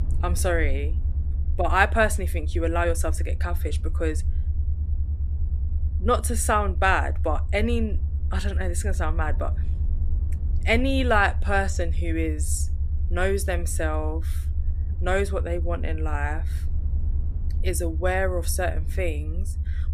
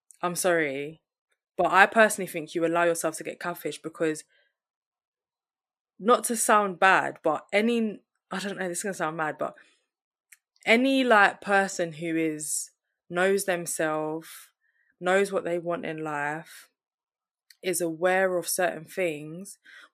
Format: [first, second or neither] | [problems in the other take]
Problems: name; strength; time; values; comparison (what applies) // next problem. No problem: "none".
second | low rumble; faint; throughout; 20 dB below the speech